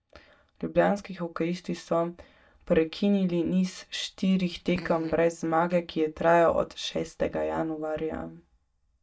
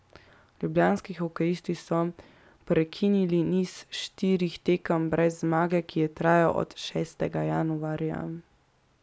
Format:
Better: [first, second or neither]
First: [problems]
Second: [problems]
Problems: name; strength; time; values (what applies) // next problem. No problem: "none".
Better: second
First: noise reduction (neural mask model DeepFilterNet 3)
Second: none